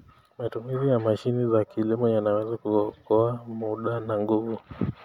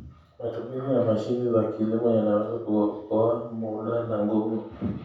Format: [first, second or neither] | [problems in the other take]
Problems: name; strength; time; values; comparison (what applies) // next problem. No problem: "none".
first | room echo; dies away in 0.6 s